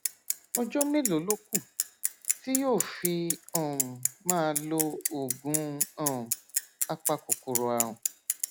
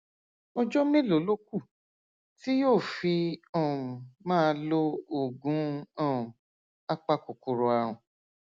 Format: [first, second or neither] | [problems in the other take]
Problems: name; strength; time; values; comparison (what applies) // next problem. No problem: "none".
second | background sound (Bicycle); 1 dB below the speech